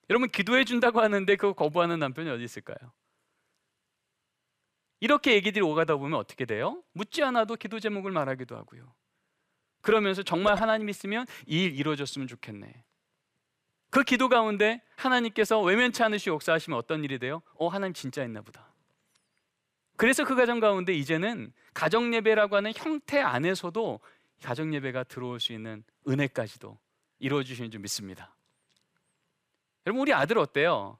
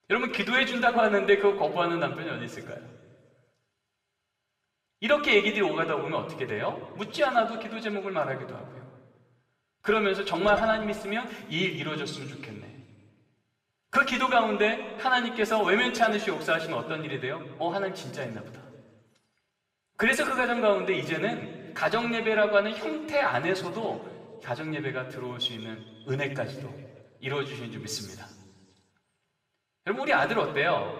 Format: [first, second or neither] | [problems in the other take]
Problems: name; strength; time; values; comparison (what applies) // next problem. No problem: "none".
first | room echo; slight; dies away in 1.4 s // off-mic speech; somewhat distant